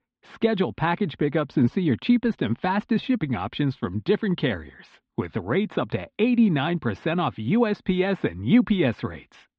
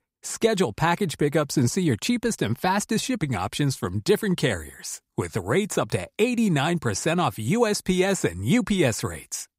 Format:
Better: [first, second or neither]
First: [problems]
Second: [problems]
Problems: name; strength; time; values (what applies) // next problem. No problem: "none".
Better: second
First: muffled; very; fading above 3.5 kHz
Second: none